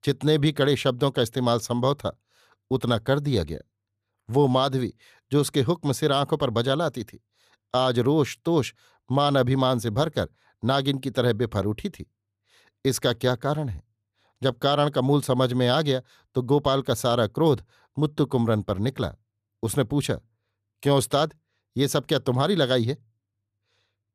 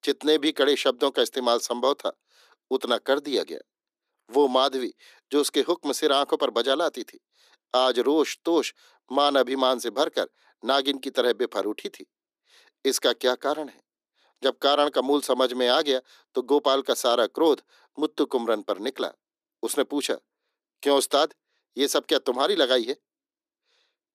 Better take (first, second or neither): first